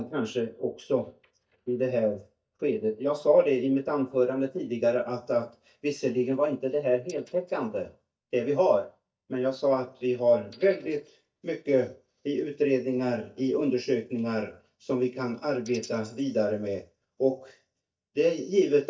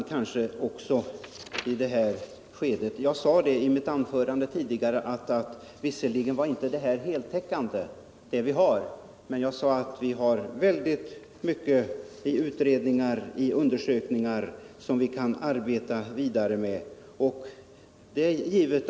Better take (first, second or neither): second